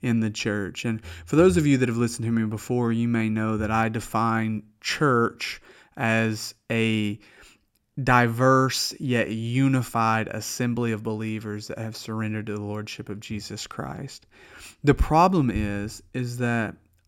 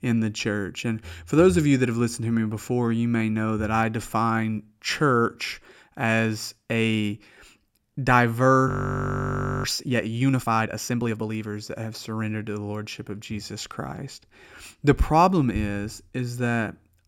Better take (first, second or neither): first